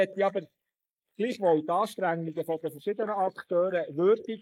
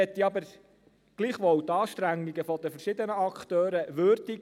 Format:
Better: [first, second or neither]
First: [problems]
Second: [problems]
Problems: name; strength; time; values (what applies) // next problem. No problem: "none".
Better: second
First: noise reduction (neural mask model Resemble Enhance denoiser)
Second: none